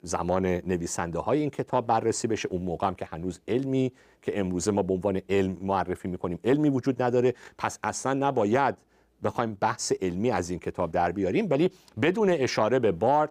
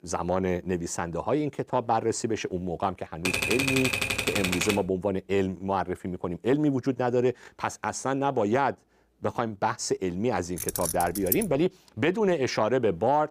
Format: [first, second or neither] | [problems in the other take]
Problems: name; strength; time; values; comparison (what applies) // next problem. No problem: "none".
first | keyboard typing; loud; from 3.5 to 5 s; peak 3 dB above the speech // jangling keys; noticeable; at 11 s; peak 1 dB below the speech